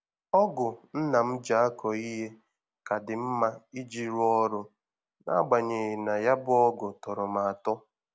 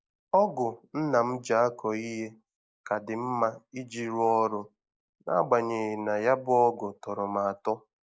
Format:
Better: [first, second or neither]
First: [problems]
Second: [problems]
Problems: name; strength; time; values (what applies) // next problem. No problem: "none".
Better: first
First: none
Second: noise reduction (neural mask model Resemble Enhance denoiser)